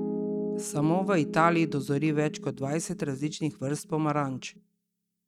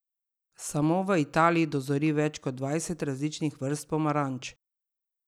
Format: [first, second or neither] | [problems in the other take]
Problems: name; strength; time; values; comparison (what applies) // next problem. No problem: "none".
second | noise reduction (neural mask model RNNoise)